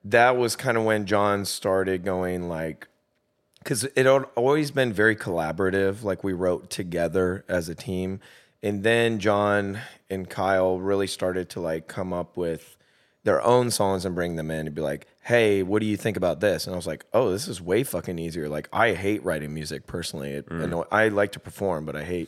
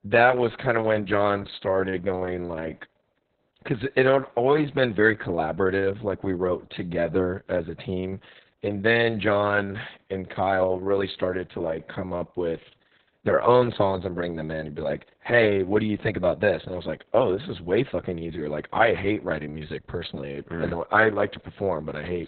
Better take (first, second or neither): first